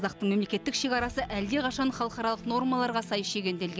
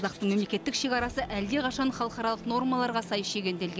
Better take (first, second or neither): first